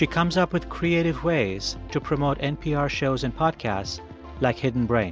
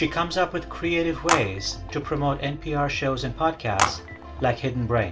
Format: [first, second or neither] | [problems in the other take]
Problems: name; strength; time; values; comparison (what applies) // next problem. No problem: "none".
first | background sound (Telephone); 6 dB below the speech // room echo; dies away in 0.2 s